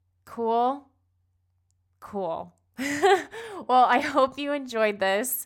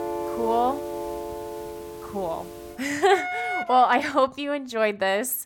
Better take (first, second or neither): first